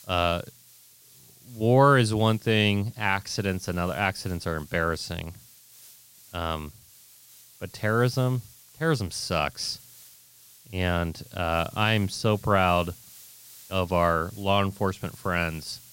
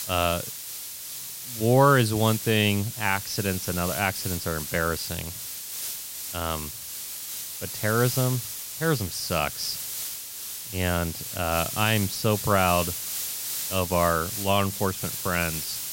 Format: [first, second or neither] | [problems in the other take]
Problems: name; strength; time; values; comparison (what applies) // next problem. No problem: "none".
first | hiss; loud; throughout; 6 dB below the speech; faint in the first